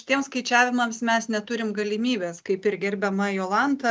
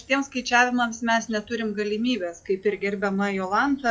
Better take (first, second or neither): first